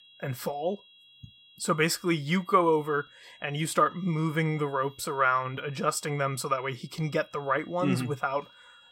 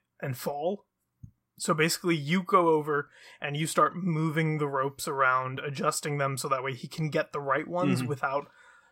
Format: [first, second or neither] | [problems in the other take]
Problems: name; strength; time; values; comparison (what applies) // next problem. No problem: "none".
second | high-pitched whine; faint; throughout; 3.5 kHz, 25 dB below the speech